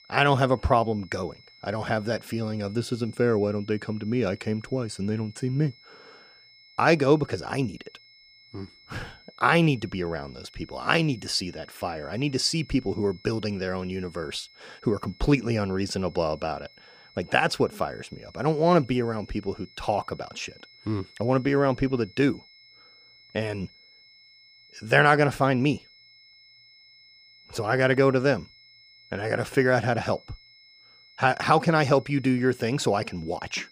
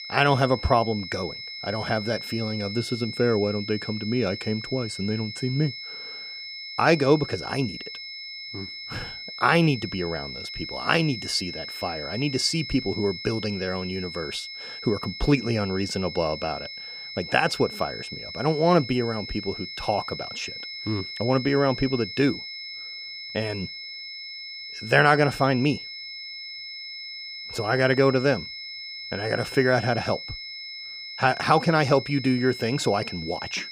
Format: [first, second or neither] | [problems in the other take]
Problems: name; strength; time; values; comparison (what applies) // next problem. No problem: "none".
first | high-pitched whine; loud; throughout; 5 kHz, 9 dB below the speech; faint in the first